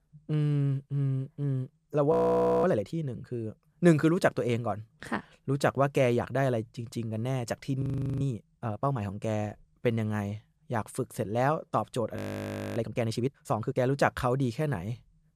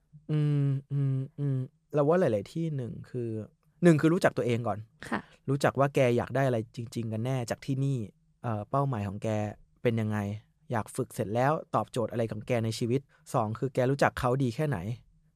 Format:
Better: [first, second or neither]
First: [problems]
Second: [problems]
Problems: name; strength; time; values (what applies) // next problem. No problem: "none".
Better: second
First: audio freezing; at 2 s for 0.5 s, at 8 s and at 12 s for 0.5 s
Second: none